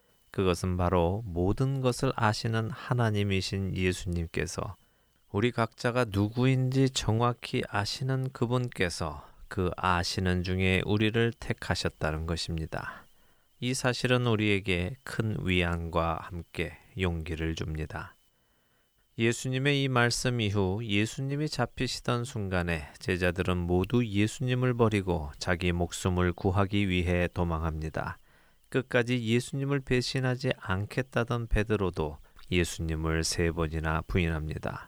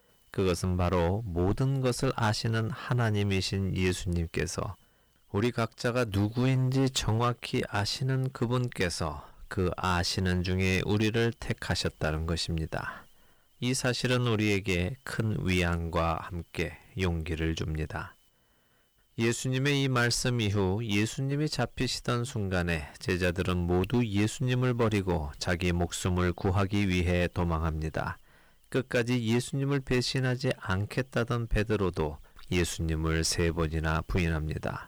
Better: first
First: none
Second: distortion; slight; 6% of the sound clipped

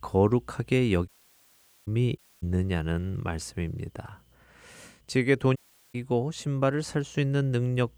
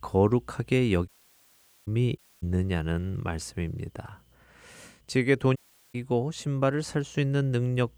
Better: neither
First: audio cutting out; at 1 s for 1 s, at 2 s and at 5.5 s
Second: audio cutting out; at 1 s for 1 s, at 2 s and at 5.5 s

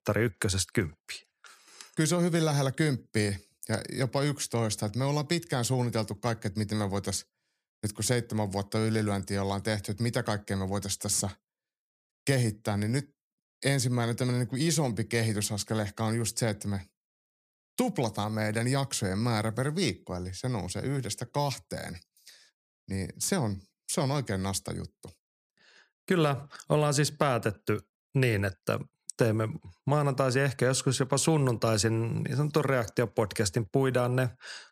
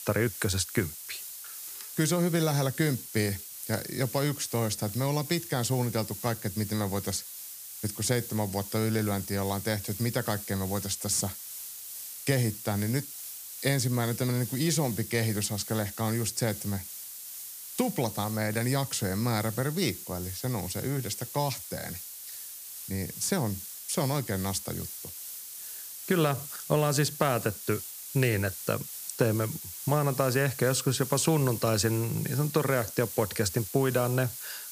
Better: first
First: none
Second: hiss; loud; throughout; 9 dB below the speech

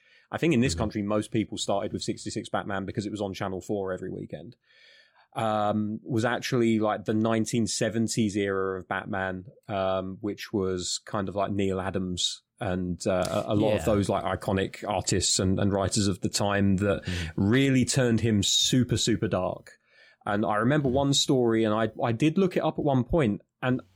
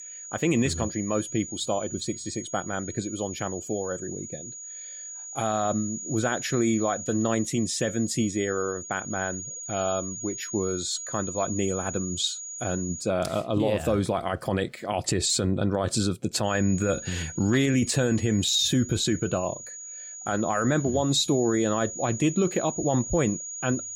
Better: first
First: none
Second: high-pitched whine; loud; until 13 s and from 16 s on; 7 kHz, 9 dB below the speech

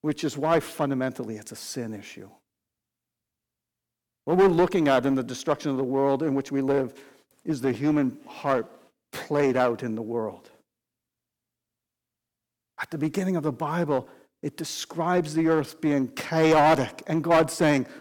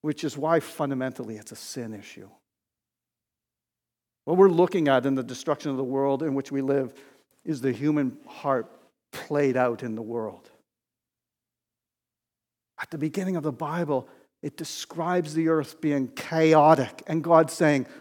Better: second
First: distortion; slight; 4% of the sound clipped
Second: none

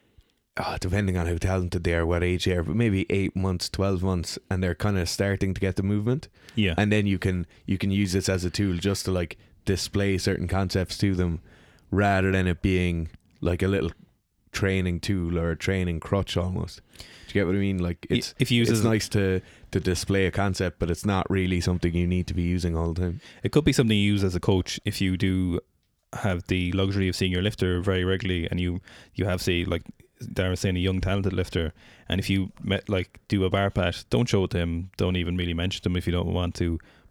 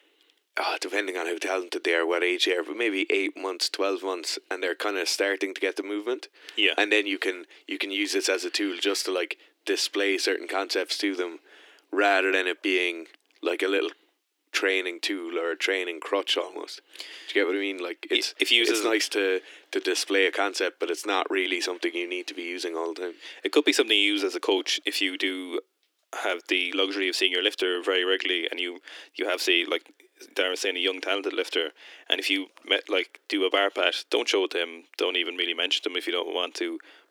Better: first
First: none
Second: thin; very; fading below 300 Hz

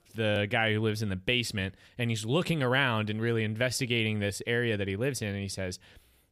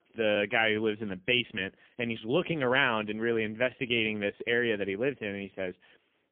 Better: first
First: none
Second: phone-call audio; poor line; nothing above 3 kHz

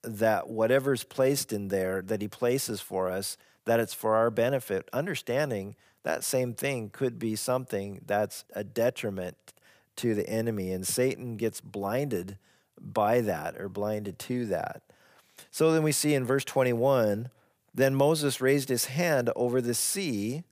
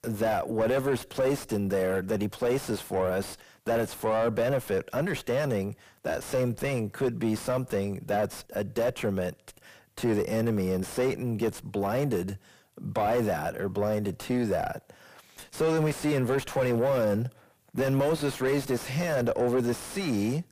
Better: first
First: none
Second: distortion; heavy; 6 dB below the speech

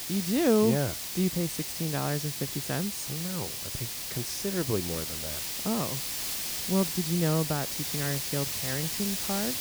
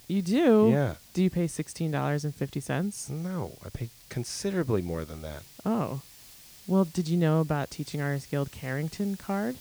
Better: second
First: hiss; loud; throughout; 1 dB below the speech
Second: hiss; faint; throughout; 20 dB below the speech

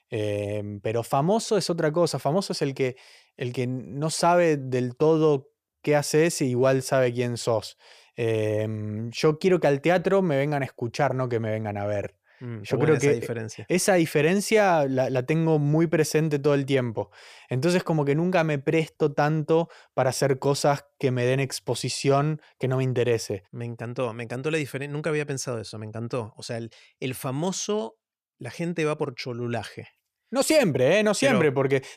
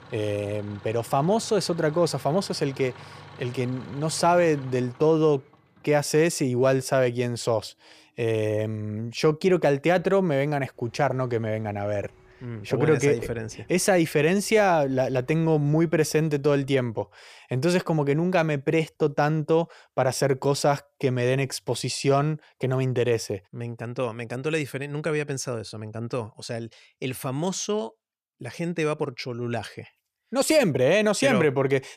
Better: first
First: none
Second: traffic noise; faint; until 17 s; 25 dB below the speech

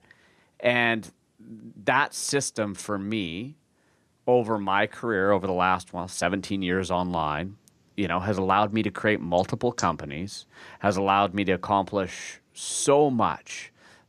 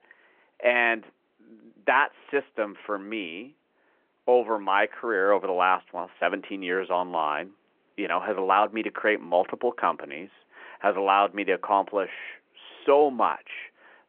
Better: first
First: none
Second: phone-call audio

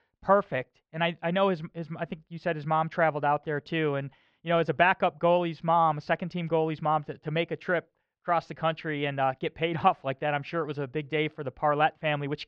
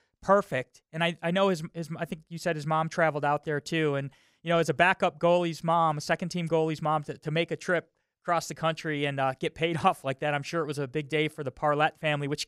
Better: second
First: muffled; slightly; fading above 3.5 kHz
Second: none

